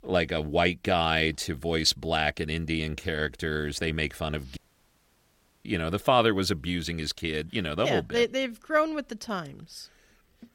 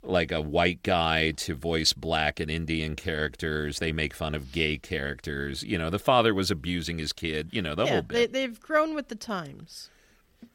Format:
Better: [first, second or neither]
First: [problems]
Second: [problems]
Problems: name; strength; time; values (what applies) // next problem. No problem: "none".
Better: second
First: audio cutting out; at 4.5 s for 1 s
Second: none